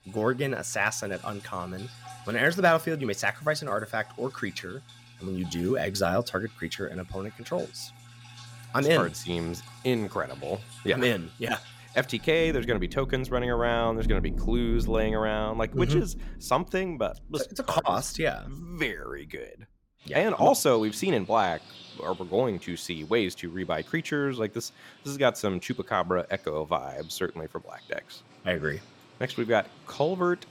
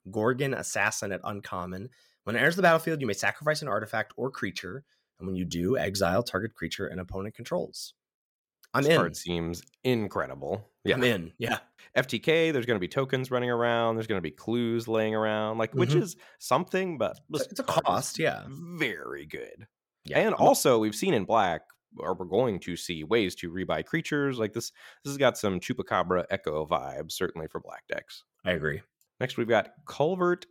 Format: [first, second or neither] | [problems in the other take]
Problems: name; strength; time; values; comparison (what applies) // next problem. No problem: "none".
second | rain or running water; noticeable; throughout; 15 dB below the speech